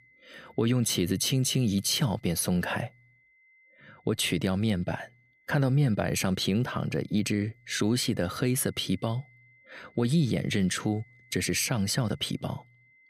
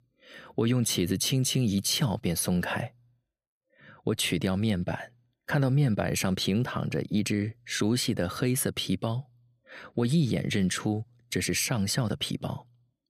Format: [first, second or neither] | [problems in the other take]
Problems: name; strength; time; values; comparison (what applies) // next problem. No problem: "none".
second | high-pitched whine; faint; throughout; 2 kHz, 30 dB below the speech